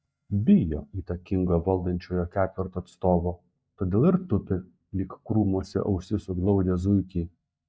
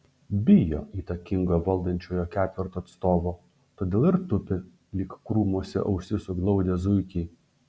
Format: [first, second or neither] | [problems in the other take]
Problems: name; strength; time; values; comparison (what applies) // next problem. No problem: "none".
second | noise reduction (neural mask model DeepFilterNet 3)